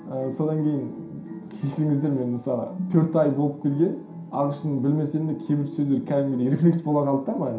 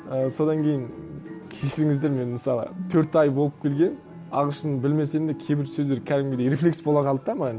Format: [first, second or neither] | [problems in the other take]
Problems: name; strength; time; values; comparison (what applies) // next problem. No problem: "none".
second | room echo; dies away in 0.5 s